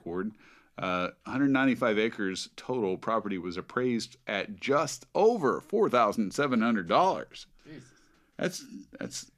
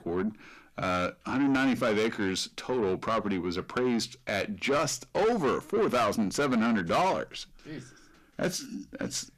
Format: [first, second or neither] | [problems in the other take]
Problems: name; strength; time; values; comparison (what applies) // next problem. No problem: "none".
first | distortion; heavy; 8 dB below the speech